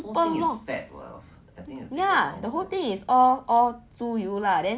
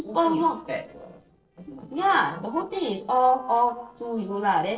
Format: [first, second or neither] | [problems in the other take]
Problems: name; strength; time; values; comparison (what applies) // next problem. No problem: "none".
first | noise reduction (neural separator model SepFormer DNS4)